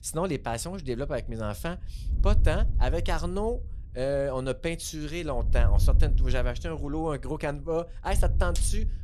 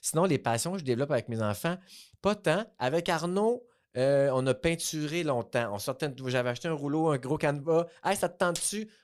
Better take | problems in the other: second | wind noise on the microphone; occasional gusts; 15 dB below the speech

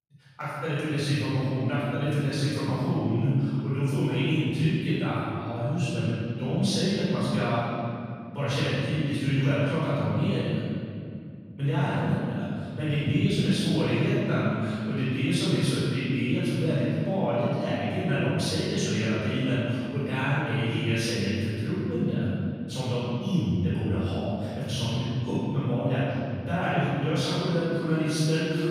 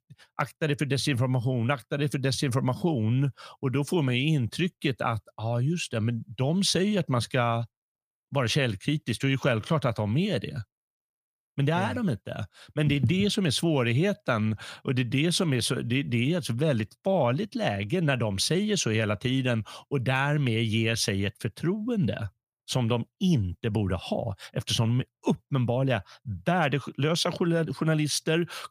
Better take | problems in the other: second | room echo; strong; dies away in 2.5 s // off-mic speech; far

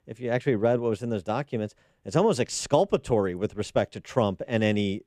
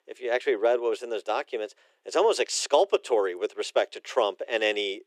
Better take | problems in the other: first | thin; very; fading below 350 Hz

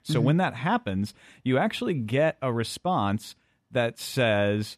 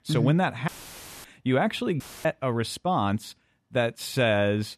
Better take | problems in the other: first | audio cutting out; filled with static; at 0.5 s for 0.5 s and at 2 s

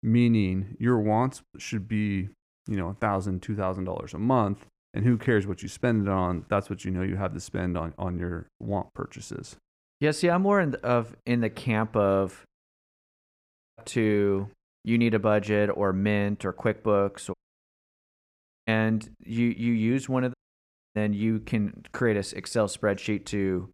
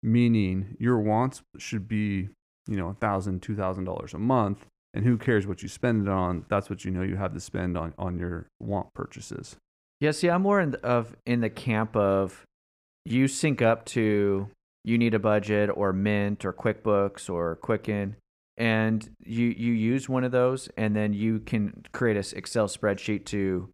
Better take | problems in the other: second | audio cutting out; at 13 s for 1 s, at 17 s for 1.5 s and at 20 s for 0.5 s

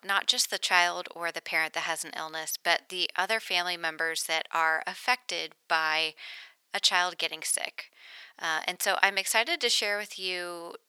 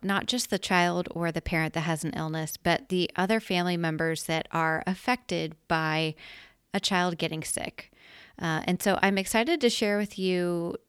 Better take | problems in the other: second | thin; very; fading below 850 Hz

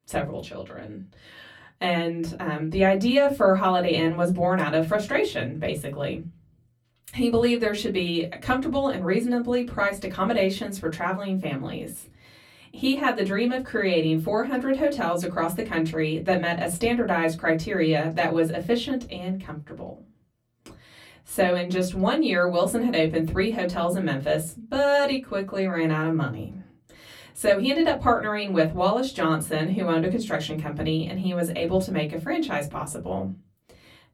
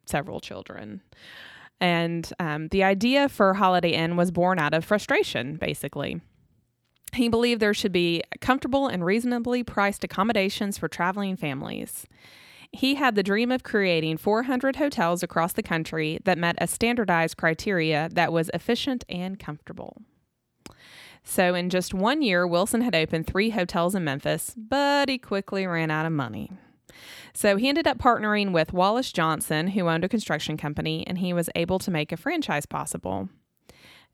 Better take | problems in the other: second | off-mic speech; far // room echo; very slight; dies away in 0.3 s

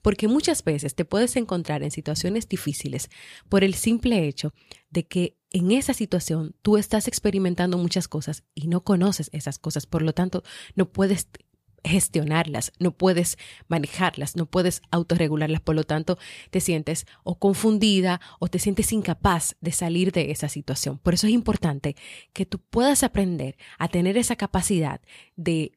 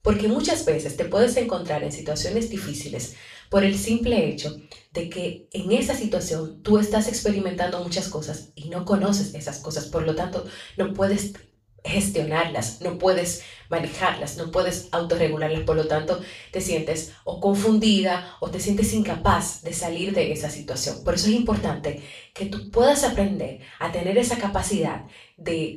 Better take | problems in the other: first | room echo; slight; dies away in 0.3 s // off-mic speech; far

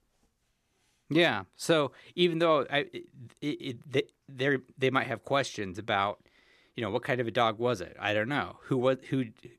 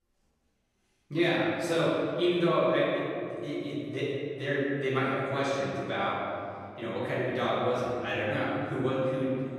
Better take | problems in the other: first | off-mic speech; far // room echo; strong; dies away in 2.4 s

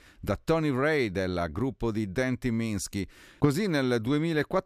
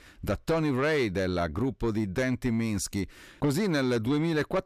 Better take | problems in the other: first | distortion; slight; 10 dB below the speech

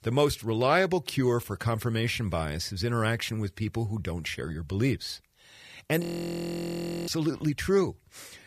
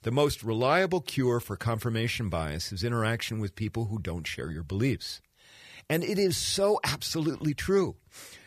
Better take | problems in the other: second | audio freezing; at 6 s for 1 s

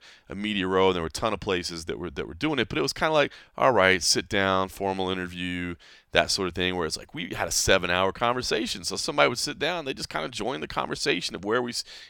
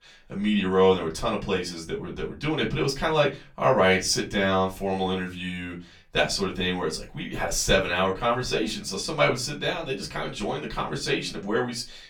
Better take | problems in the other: first | off-mic speech; far // room echo; very slight; dies away in 0.2 s

